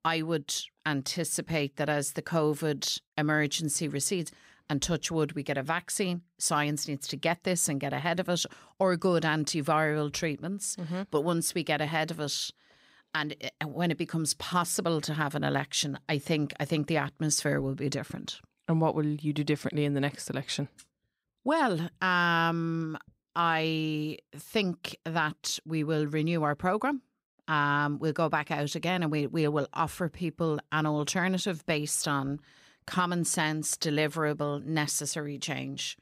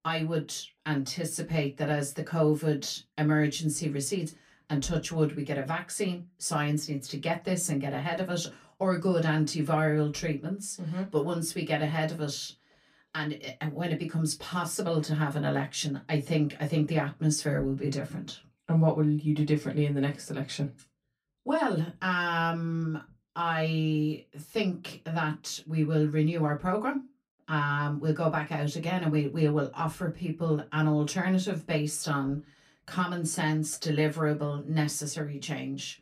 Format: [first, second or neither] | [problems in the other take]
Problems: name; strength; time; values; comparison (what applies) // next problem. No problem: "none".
first | off-mic speech; far // room echo; very slight; dies away in 0.2 s